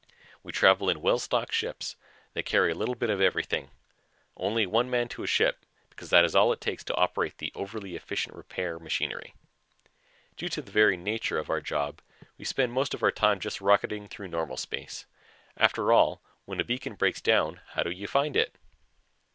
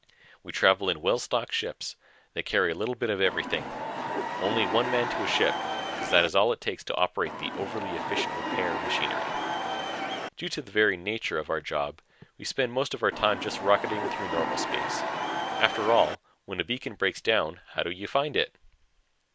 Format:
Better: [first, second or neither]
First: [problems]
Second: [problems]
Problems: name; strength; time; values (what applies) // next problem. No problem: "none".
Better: first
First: none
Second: background sound (Crowd / Cheering); 2 dB below the speech